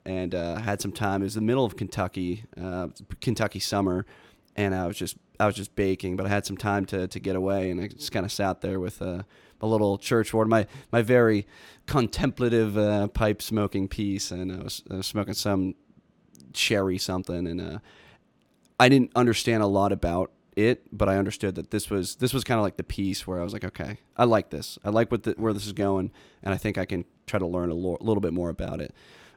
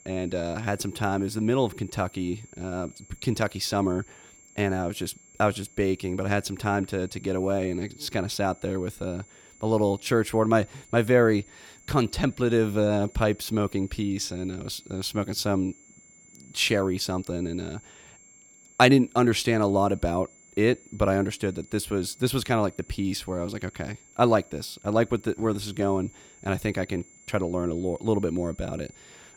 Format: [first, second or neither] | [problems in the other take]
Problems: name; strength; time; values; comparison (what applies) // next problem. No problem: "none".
first | high-pitched whine; faint; throughout; 7.5 kHz, 25 dB below the speech